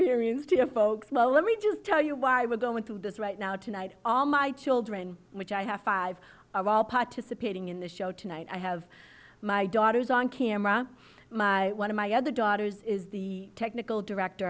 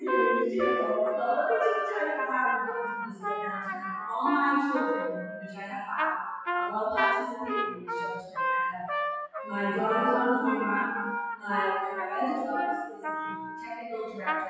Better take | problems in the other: first | noise reduction (classical method WPE with log-MMSE)

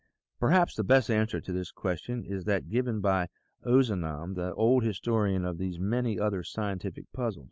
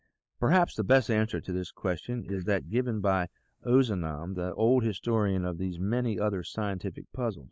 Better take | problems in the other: first | noise reduction (neural mask model Resemble Enhance denoiser)

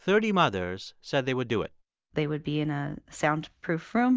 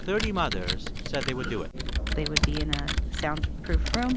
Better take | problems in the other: first | background sound (Computer keyboard); 3 dB above the speech

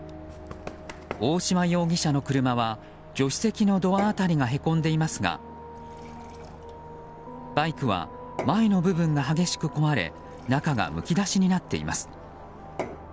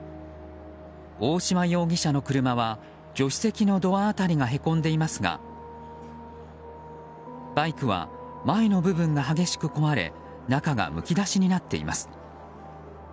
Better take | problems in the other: second | background sound (Run + Fill (with liquid) / Glass / Water); 18 dB below the speech

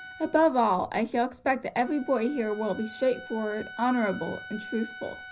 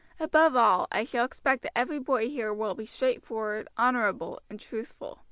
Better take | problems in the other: second | background sound (Wind instrument, woodwind instrument); 16 dB below the speech // room echo; dies away in 0.5 s

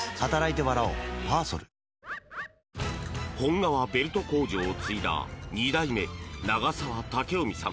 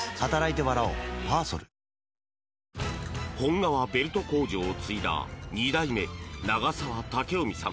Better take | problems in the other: second | background sound (Bird); 11 dB below the speech

